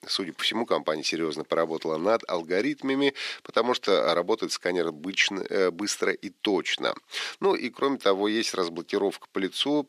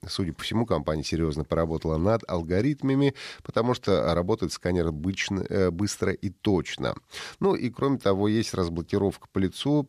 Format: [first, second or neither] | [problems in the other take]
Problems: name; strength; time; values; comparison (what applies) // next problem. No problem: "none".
second | thin; somewhat; fading below 300 Hz